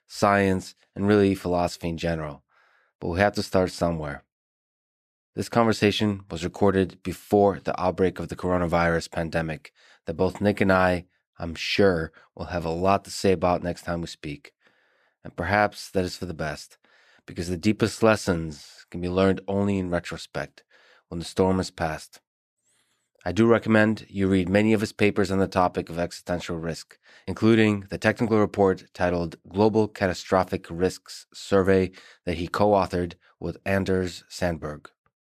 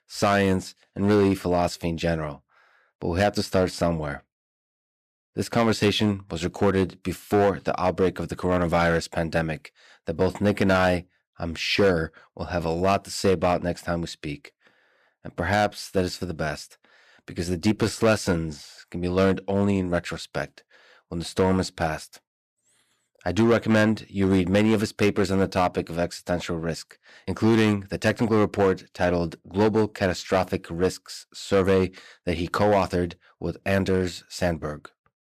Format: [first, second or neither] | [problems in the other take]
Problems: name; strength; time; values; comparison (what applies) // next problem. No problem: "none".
first | distortion; slight; 4% of the sound clipped